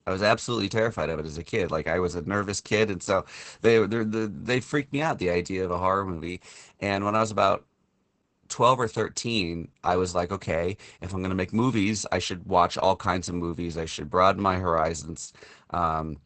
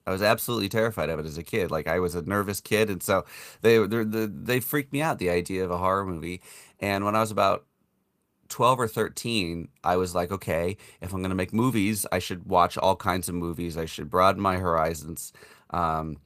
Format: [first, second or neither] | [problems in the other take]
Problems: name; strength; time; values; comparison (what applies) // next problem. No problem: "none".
second | garbled, watery; badly; nothing above 8 kHz; slightly in the second